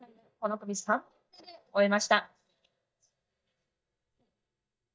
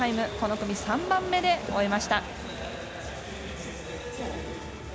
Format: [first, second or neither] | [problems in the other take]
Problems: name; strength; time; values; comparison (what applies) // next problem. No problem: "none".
second | noise reduction (neural mask model DeepFilterNet 3)